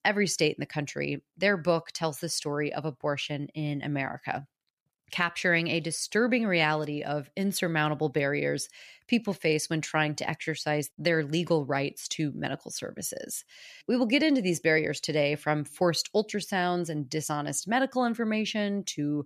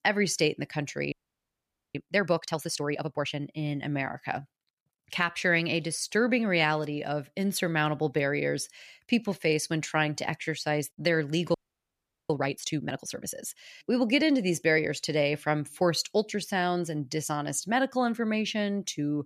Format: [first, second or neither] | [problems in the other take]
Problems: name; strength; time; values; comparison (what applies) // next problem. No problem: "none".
first | audio freezing; at 1 s for 1 s and at 12 s for 1 s